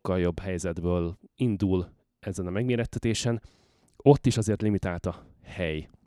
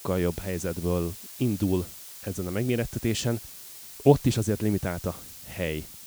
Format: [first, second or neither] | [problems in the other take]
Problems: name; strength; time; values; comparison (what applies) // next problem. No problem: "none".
first | hiss; noticeable; throughout; 15 dB below the speech